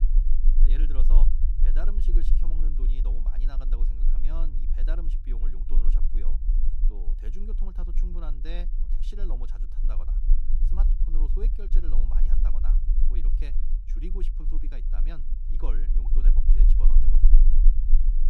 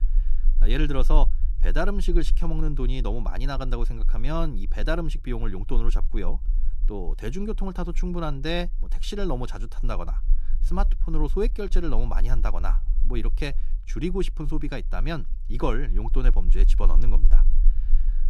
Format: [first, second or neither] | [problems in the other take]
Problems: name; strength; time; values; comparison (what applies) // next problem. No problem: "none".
second | low rumble; loud; throughout; 5 dB below the speech; faint in the second